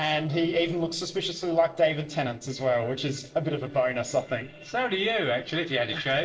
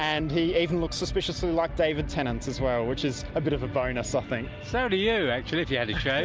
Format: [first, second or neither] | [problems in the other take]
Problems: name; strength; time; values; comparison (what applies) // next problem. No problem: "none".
second | noise reduction (neural separator model SepFormer DNS4)